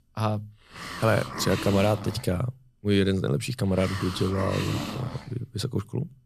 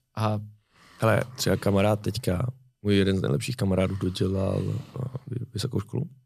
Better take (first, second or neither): second